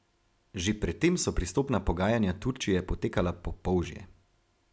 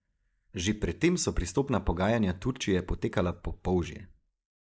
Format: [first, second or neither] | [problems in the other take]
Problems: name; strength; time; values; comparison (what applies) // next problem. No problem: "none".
first | noise reduction (neural mask model Resemble Enhance denoiser)